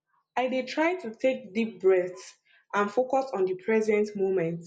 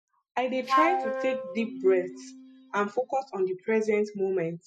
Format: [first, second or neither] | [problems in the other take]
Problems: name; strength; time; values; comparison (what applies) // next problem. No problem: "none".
first | noise reduction (classical method spectral subtraction)